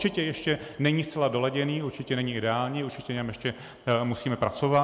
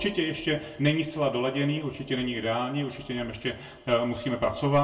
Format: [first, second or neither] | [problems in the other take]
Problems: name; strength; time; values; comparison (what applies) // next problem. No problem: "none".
first | room echo; dies away in 0.2 s